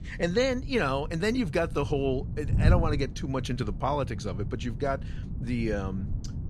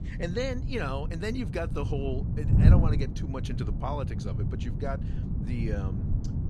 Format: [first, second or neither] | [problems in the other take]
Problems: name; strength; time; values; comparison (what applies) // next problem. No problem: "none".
first | wind noise on the microphone; heavy; 5 dB below the speech; occasional gusts in the first